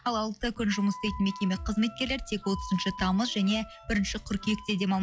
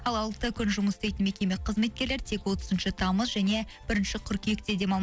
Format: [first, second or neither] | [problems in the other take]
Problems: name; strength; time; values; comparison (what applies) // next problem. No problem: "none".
second | noise reduction (classical method log-MMSE)